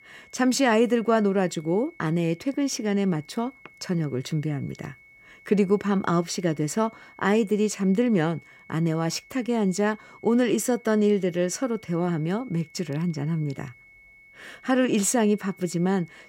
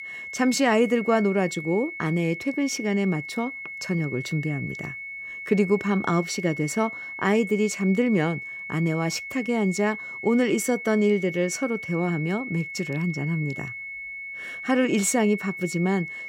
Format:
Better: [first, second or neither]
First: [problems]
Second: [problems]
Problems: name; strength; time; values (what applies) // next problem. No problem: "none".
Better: first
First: high-pitched whine; faint; throughout; 2 kHz, 25 dB below the speech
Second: high-pitched whine; loud; throughout; 2 kHz, 9 dB below the speech